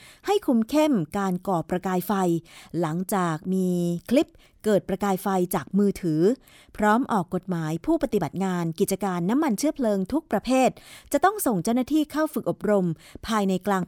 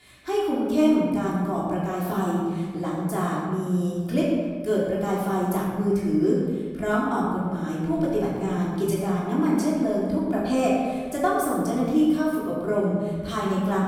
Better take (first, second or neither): first